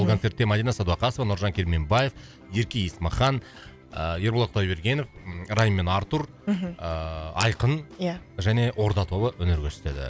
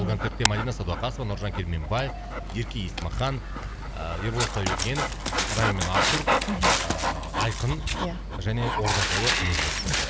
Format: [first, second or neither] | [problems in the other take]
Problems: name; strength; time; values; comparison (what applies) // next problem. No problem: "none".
first | background sound (Dog); 2 dB above the speech